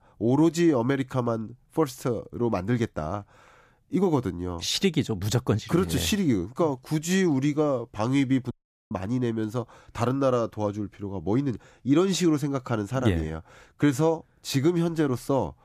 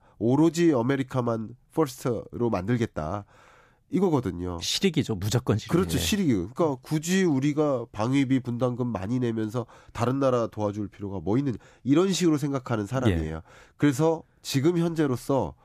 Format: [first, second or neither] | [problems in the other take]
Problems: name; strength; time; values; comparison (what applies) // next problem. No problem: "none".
second | audio cutting out; at 8.5 s